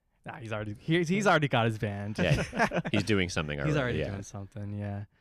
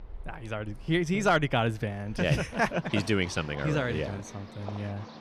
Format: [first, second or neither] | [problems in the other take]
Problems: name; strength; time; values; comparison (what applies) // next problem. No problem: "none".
first | animal sounds; noticeable; throughout; 20 dB below the speech